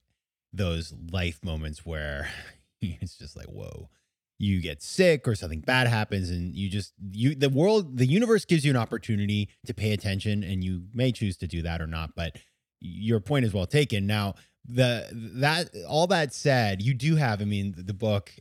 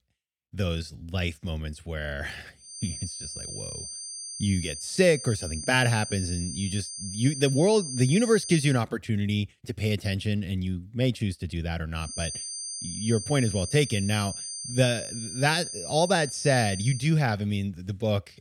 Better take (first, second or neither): first